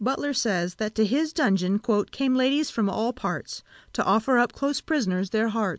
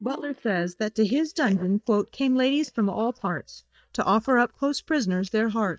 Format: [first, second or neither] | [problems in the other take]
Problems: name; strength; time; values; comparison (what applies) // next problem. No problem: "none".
first | noise reduction (neural mask model DeepFilterNet 3)